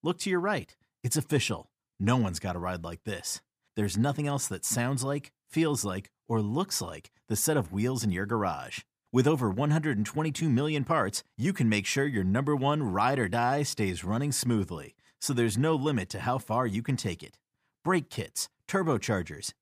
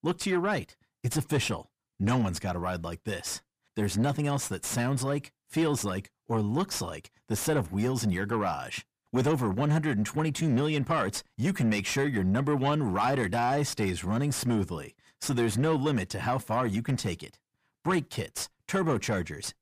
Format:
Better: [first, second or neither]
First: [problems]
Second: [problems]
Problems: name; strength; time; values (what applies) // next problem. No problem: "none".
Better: first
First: none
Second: distortion; slight; 10 dB below the speech